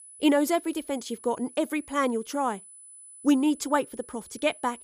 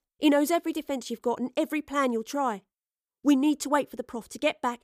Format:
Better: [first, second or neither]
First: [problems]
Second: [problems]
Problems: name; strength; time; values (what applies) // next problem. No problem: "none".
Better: second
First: high-pitched whine; noticeable; throughout; 10 kHz, 20 dB below the speech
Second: none